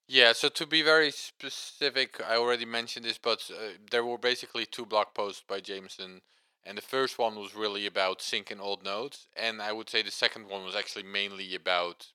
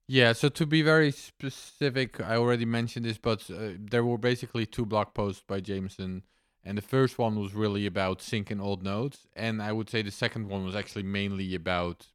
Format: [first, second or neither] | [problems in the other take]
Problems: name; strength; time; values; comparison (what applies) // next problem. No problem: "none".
second | thin; very; fading below 550 Hz